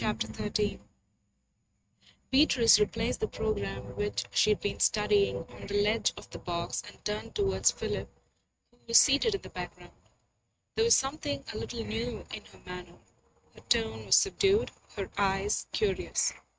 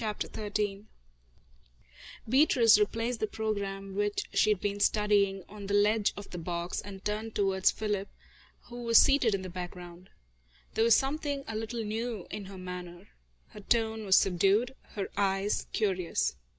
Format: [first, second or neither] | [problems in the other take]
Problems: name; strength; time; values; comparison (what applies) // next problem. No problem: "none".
second | noise reduction (neural mask model RNNoise)